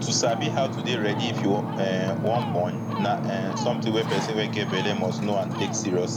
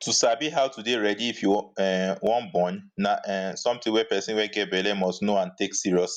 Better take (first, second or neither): second